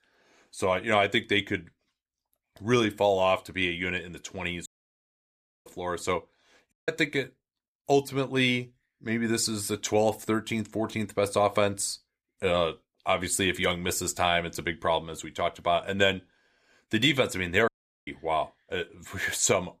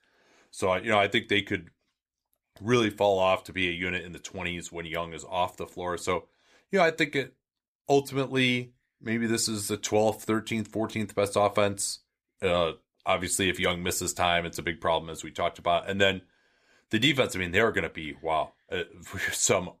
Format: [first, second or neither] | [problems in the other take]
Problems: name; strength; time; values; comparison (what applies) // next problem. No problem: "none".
second | audio cutting out; at 4.5 s for 1 s, at 6.5 s and at 18 s